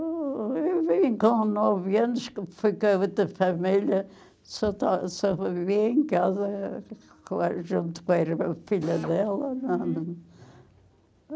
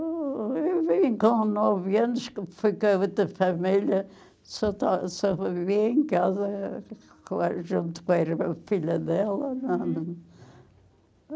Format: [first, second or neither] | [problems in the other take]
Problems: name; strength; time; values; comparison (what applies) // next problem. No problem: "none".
second | background sound (Drill); 16 dB below the speech